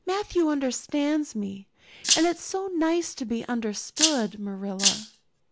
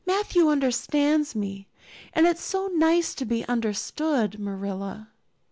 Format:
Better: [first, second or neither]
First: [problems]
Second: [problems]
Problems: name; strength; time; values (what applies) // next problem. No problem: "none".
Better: second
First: background sound (Rattle (instrument)); 1 dB above the speech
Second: none